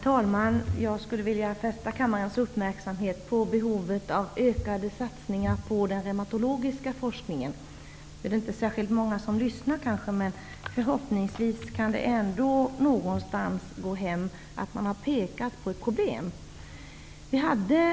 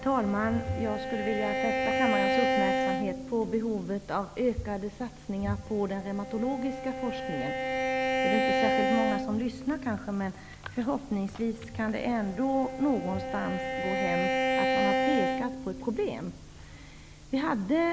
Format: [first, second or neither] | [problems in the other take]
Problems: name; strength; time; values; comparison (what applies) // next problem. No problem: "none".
first | background sound (Bowed string instrument); 1 dB below the speech